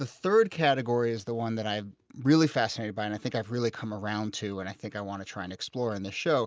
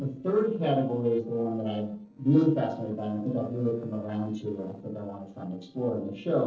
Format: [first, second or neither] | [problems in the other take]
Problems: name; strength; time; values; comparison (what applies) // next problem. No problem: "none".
first | noise reduction (neural separator model SepFormer DNS4)